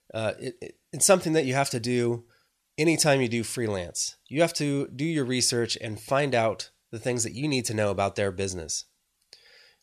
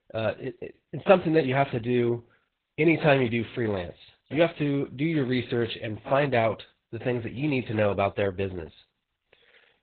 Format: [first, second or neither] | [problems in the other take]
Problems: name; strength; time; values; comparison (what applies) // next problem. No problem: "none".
first | garbled, watery; badly; nothing above 4 kHz